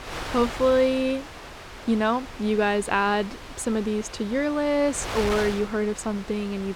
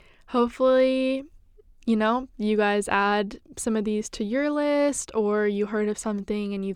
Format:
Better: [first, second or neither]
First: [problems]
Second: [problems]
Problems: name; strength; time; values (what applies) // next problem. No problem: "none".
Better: second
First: wind noise on the microphone; occasional gusts; 10 dB below the speech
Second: none